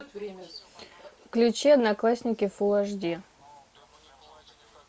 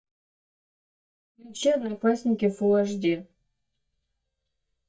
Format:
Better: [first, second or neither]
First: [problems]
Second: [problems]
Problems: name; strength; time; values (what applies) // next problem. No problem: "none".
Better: first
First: none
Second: noise reduction (neural mask model DeepFilterNet 3)